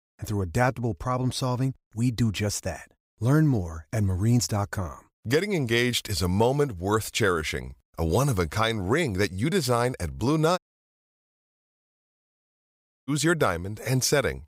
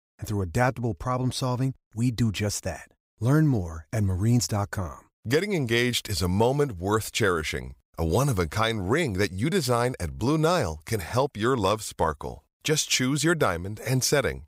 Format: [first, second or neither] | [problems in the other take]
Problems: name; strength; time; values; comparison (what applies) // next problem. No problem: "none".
second | audio cutting out; at 11 s for 2.5 s